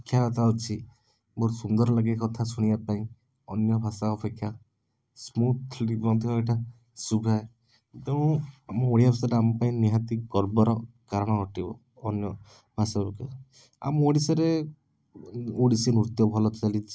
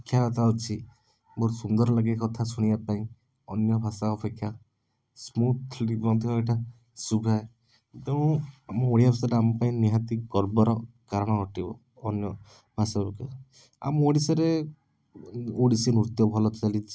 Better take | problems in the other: second | noise reduction (neural mask model Resemble Enhance denoiser)

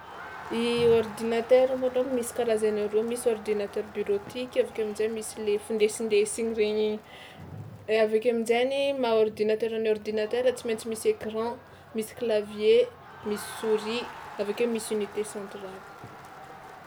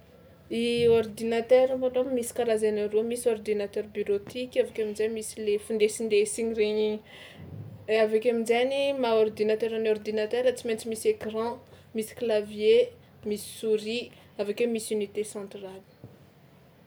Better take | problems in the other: second | background sound (Crowd); 18 dB below the speech

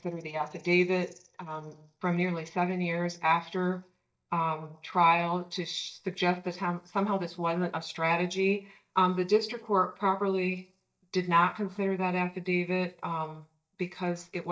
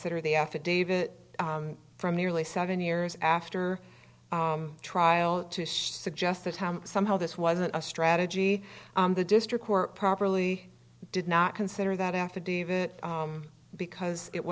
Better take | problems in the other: second | noise reduction (neural mask model DeepFilterNet 3)

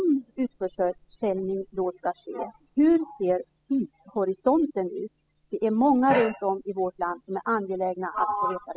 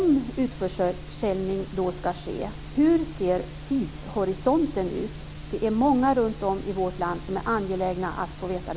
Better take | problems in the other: second | noise reduction (classical method spectral subtraction)

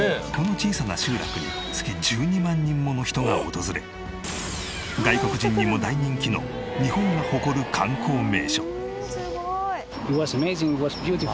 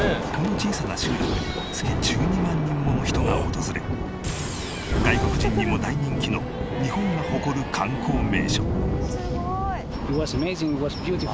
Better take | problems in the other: first | background sound (Thunder); 1 dB below the speech

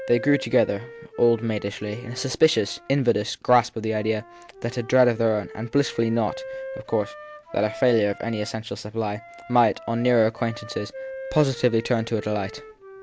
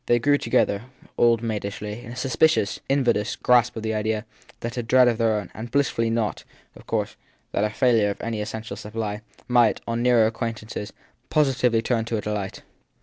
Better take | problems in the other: second | background sound (Wind instrument, woodwind instrument); 16 dB below the speech

